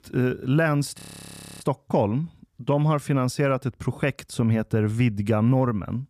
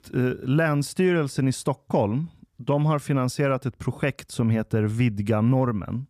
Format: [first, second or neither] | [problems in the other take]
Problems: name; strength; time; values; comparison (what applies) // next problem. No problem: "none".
second | audio freezing; at 1 s for 0.5 s